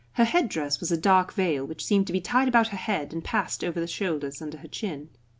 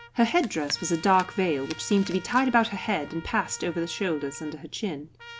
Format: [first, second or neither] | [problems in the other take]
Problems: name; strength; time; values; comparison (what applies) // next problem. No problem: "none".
first | background sound (Chewing, mastication + Trumpet); 17 dB below the speech